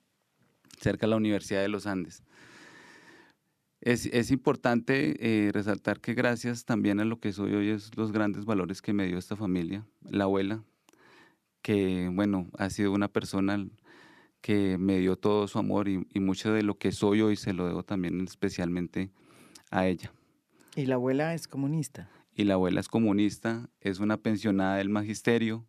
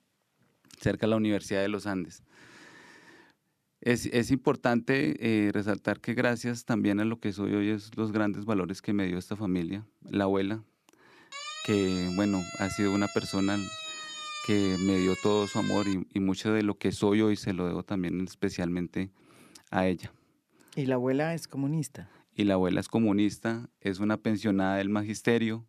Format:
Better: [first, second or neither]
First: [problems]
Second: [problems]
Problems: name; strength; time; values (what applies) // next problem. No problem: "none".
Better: first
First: none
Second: siren; noticeable; from 11 to 16 s; peak 7 dB below the speech